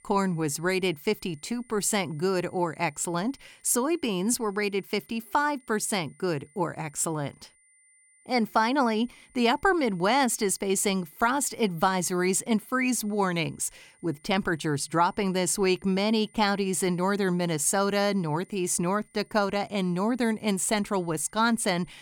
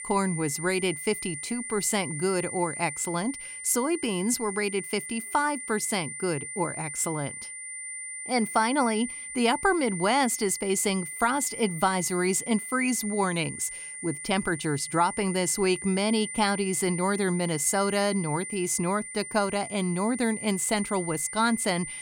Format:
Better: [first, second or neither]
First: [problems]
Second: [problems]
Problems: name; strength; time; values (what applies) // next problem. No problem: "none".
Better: first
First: high-pitched whine; faint; throughout; 2 kHz, 30 dB below the speech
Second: high-pitched whine; loud; throughout; 2 kHz, 8 dB below the speech